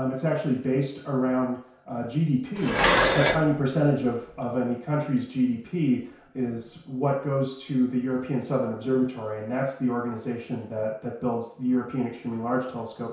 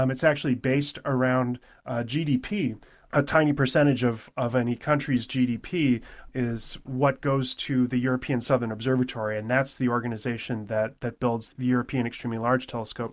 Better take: second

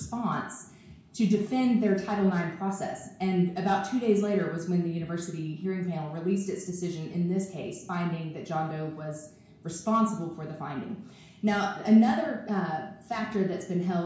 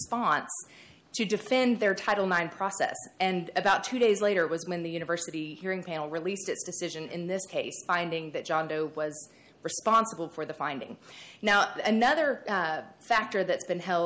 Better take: second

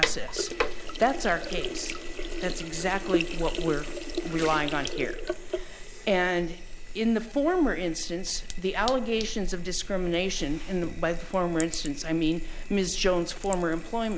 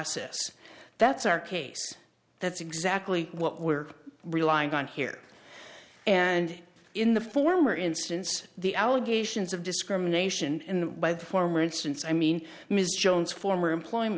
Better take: second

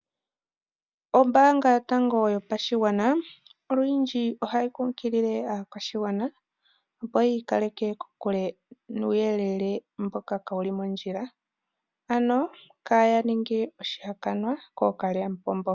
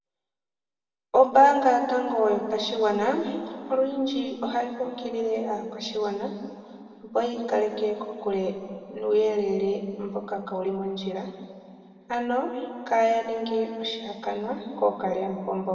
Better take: first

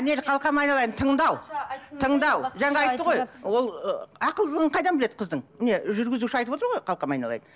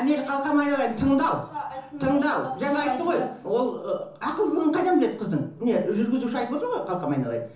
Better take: first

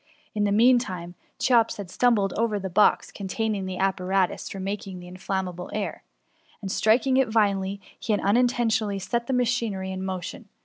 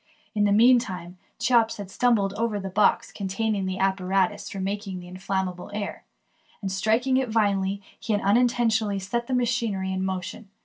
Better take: first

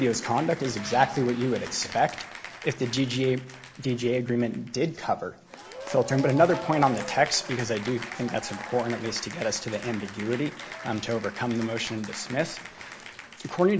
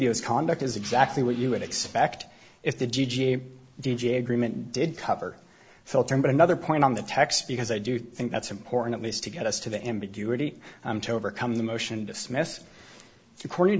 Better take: second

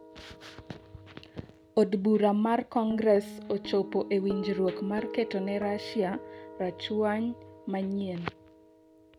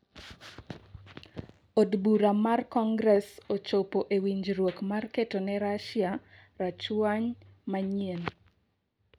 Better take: second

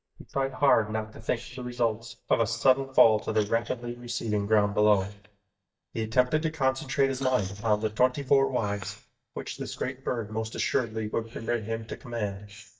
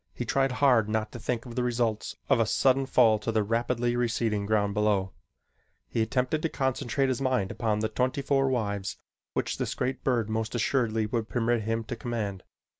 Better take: second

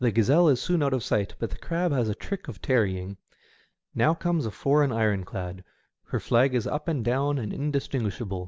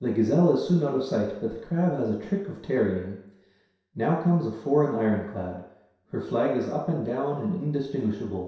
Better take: first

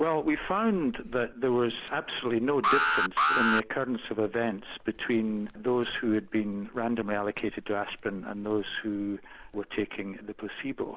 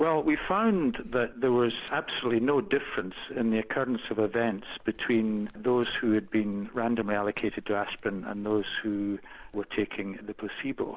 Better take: second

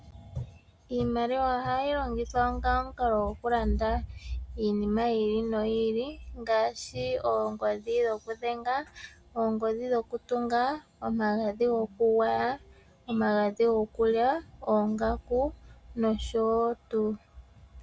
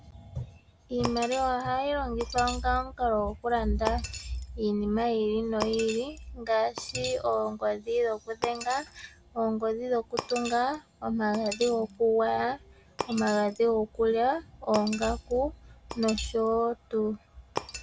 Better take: first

